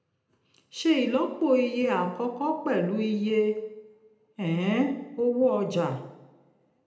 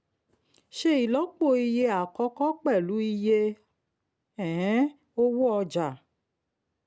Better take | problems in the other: second | room echo; dies away in 0.7 s

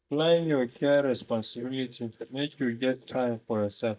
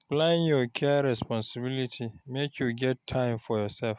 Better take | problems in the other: second | noise reduction (neural mask model DeepFilterNet 3)

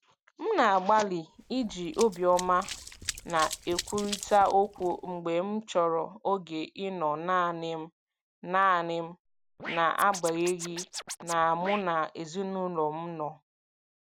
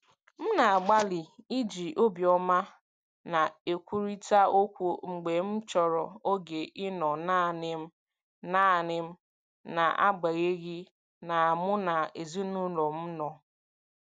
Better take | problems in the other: second | background sound (Run + Scratching (performance technique)); 12 dB below the speech

